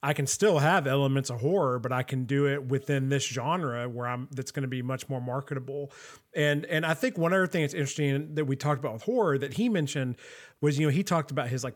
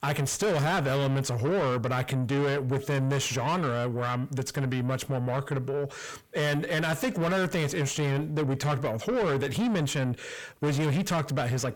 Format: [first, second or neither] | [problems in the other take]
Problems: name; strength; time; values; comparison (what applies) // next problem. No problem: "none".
first | distortion; heavy; 7 dB below the speech